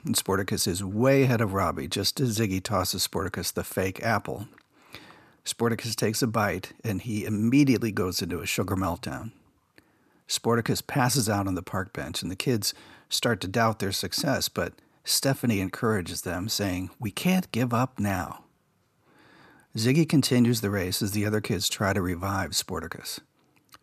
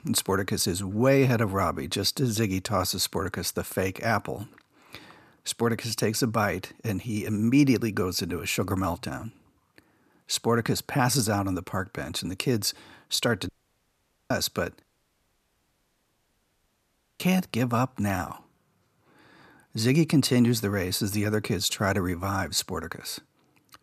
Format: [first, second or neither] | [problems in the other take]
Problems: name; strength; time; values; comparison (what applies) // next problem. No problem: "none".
first | audio cutting out; at 13 s for 1 s and at 15 s for 2.5 s